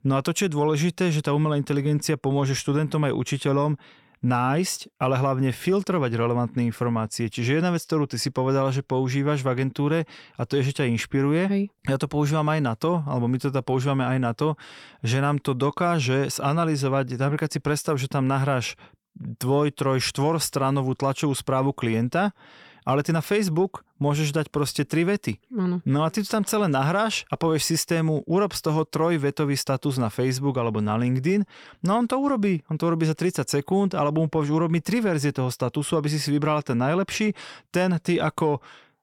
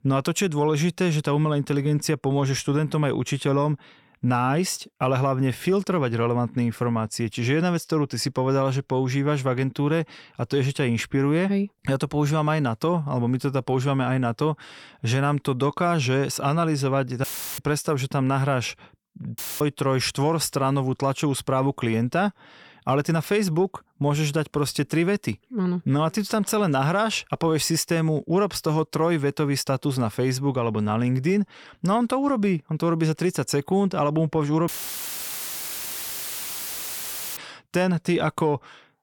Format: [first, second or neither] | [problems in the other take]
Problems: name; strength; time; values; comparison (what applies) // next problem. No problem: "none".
first | audio cutting out; filled with static; at 17 s, at 19 s and at 35 s for 2.5 s